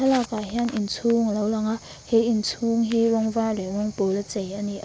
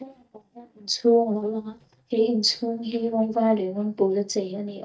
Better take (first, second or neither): first